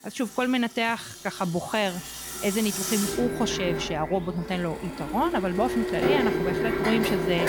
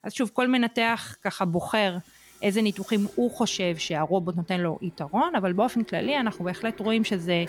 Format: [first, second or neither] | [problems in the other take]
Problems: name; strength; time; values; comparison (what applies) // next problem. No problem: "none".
second | household noises; loud; throughout; 1 dB below the speech; faint in the second